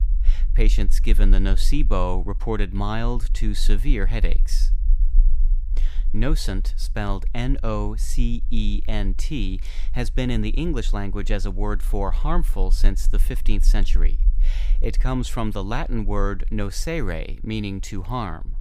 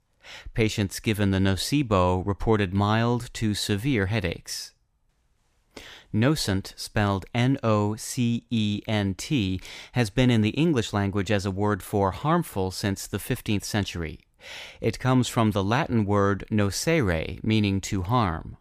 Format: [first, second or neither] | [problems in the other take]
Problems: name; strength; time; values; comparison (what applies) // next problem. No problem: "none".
second | low rumble; faint; throughout; 20 dB below the speech